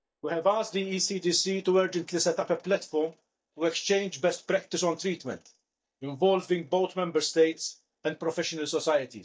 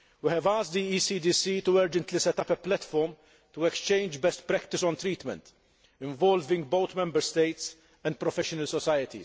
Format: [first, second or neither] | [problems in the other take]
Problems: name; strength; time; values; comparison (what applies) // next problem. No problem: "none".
second | noise reduction (neural mask model DeepFilterNet 3)